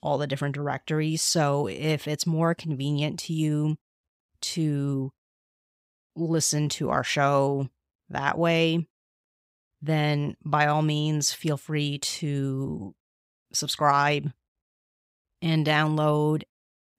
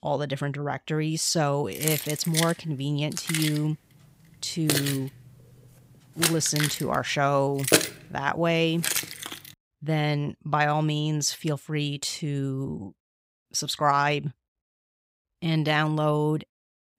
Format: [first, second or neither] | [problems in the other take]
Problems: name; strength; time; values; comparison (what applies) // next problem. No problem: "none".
first | jangling keys; loud; from 2 to 9 s; peak 5 dB above the speech